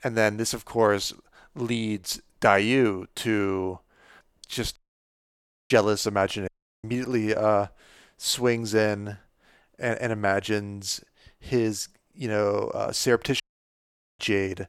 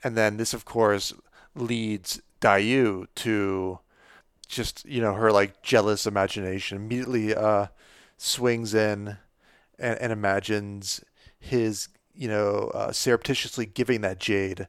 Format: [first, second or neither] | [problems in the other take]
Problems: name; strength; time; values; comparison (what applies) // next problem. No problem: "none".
second | audio cutting out; at 5 s for 1 s, at 6.5 s and at 13 s for 1 s